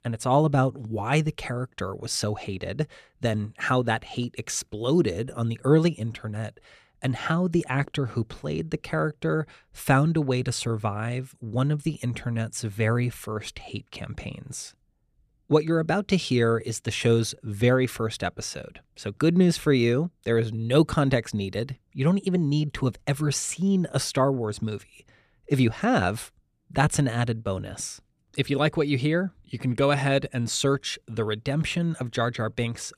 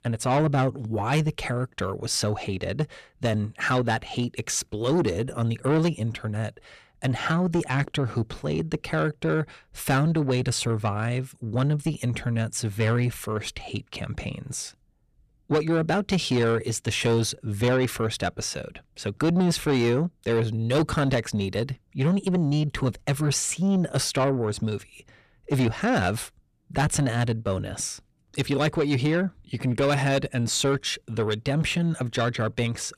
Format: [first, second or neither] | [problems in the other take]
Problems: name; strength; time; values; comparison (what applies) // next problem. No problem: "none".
first | distortion; slight; 10 dB below the speech